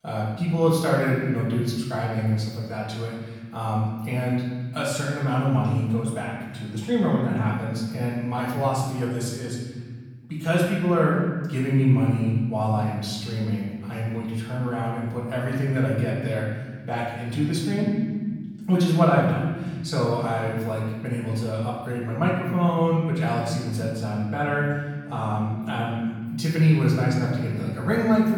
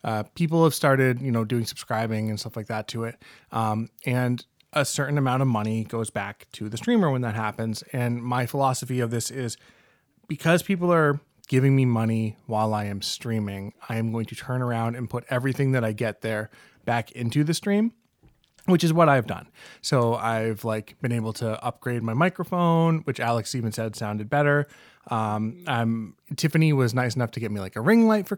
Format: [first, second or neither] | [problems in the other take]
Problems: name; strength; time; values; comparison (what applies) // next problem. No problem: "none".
second | off-mic speech; far // room echo; noticeable; dies away in 1.8 s